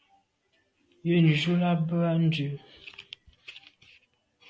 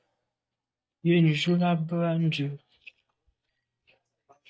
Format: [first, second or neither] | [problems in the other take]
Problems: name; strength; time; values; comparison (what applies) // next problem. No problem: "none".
first | noise reduction (neural mask model DeepFilterNet 3)